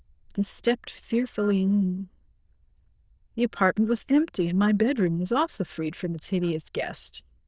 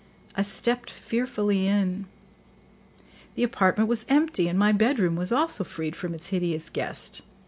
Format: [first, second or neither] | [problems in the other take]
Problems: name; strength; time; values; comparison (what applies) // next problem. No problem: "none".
second | noise reduction (neural diffusion model UNIVERSE++)